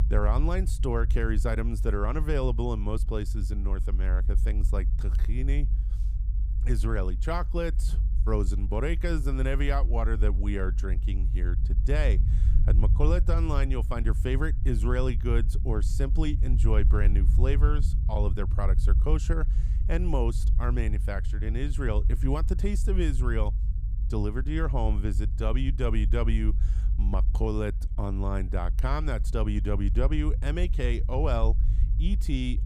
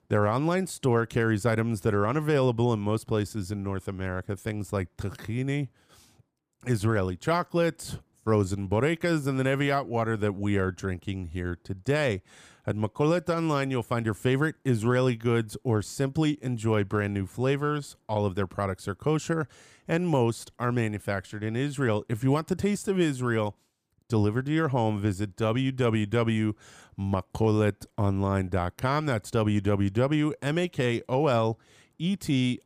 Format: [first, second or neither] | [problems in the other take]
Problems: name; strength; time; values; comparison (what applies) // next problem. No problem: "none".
second | low rumble; noticeable; throughout; 15 dB below the speech